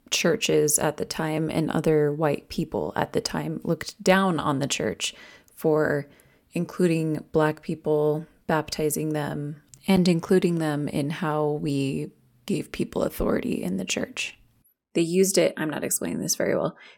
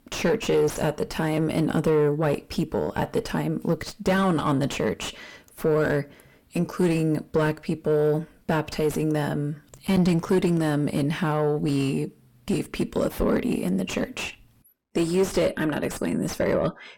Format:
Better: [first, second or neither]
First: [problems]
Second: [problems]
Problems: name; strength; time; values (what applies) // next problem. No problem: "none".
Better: first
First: none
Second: distortion; heavy; 6 dB below the speech